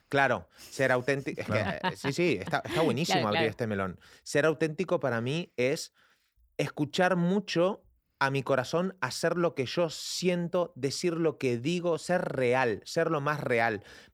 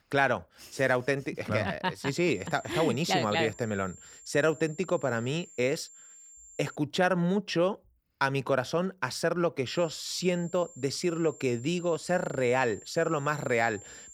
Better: first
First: none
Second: high-pitched whine; noticeable; from 2 to 7 s and from 9.5 s on; 7.5 kHz, 20 dB below the speech

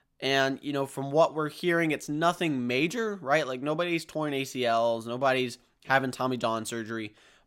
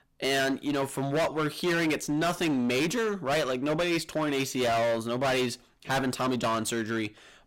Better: first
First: none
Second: distortion; heavy; 22% of the sound clipped

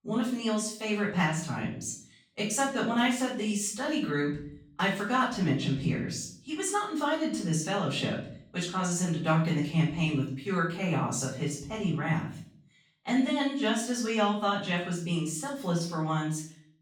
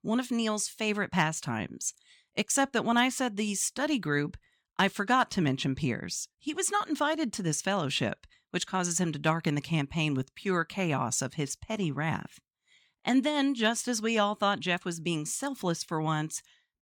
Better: second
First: off-mic speech; far // room echo; noticeable; dies away in 0.5 s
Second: none

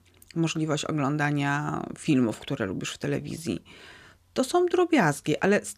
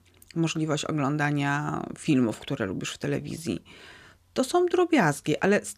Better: neither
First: none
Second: none

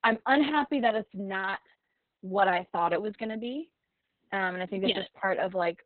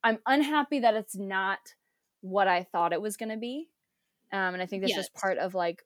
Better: second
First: garbled, watery; badly; nothing above 3.5 kHz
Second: none

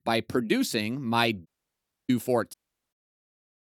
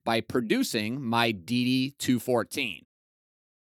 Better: second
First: audio cutting out; at 1.5 s for 0.5 s and at 2.5 s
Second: none

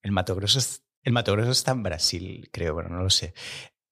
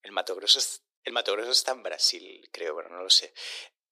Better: first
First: none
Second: thin; very; fading below 350 Hz

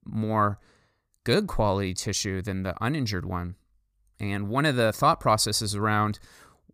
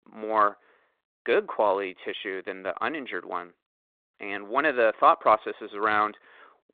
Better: first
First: none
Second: phone-call audio; nothing above 3.5 kHz

